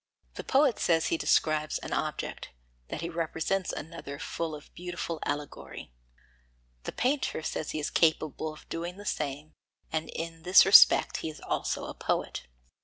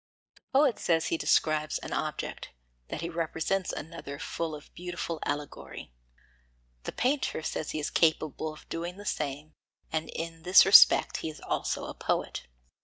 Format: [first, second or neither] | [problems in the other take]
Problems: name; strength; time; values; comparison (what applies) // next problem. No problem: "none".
first | noise reduction (neural mask model DeepFilterNet 3)